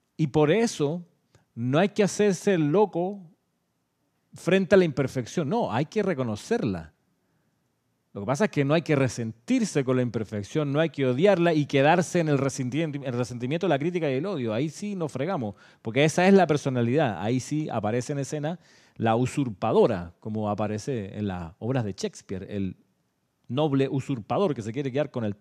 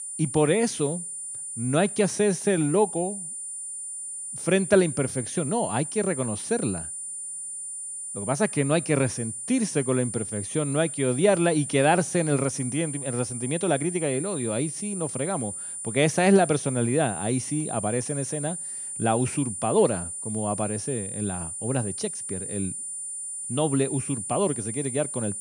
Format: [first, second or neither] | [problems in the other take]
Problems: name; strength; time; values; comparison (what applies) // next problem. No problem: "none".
first | high-pitched whine; loud; throughout; 9.5 kHz, 6 dB below the speech